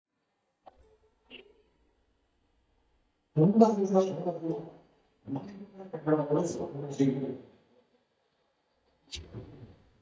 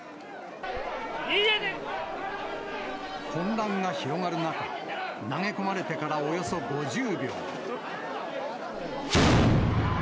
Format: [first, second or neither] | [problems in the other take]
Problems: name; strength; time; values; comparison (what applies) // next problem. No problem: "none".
second | noise reduction (neural mask model DeepFilterNet 3)